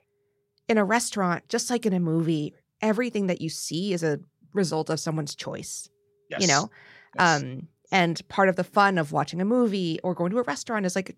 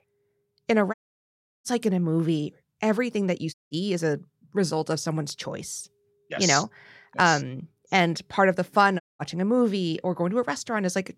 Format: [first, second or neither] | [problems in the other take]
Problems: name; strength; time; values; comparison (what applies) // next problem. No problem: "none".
first | audio cutting out; at 1 s for 0.5 s, at 3.5 s and at 9 s